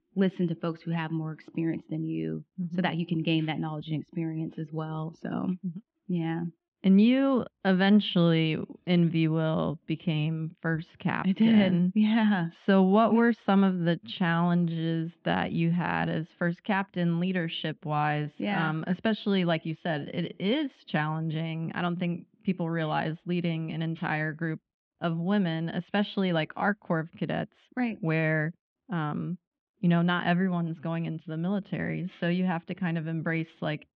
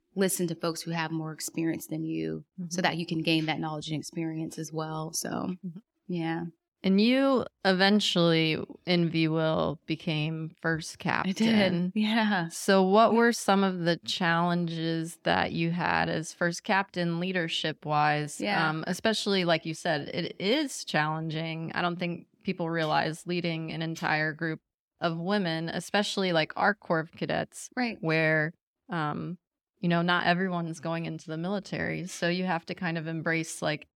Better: second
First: muffled; very; fading above 3.5 kHz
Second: none

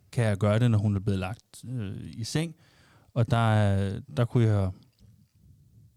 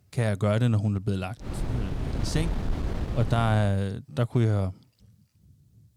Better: first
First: none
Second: wind noise on the microphone; heavy; from 1.5 to 3.5 s; 9 dB below the speech

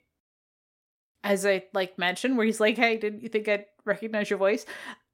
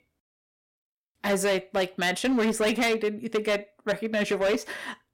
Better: first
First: none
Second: distortion; heavy; 12% of the sound clipped

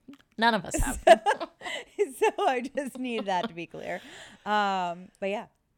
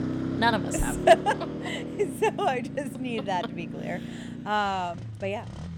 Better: first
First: none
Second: traffic noise; loud; throughout; 8 dB below the speech

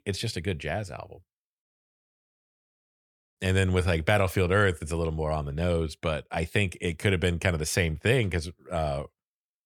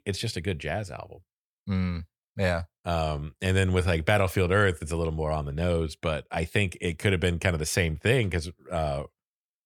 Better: second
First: audio cutting out; at 1.5 s for 1.5 s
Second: none

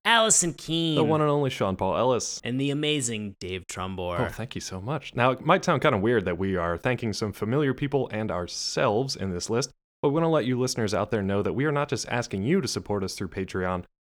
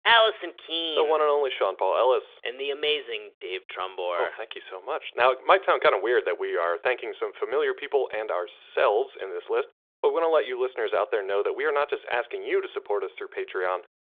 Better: first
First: none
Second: phone-call audio; nothing above 3.5 kHz

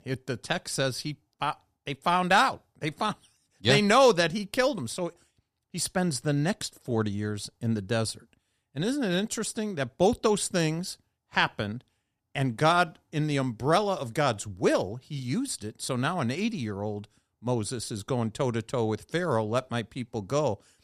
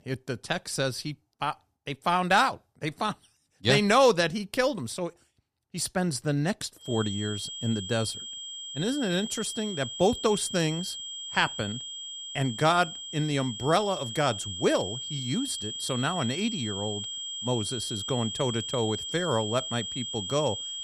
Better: first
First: none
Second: high-pitched whine; loud; from 7 s on; 3 kHz, 6 dB below the speech

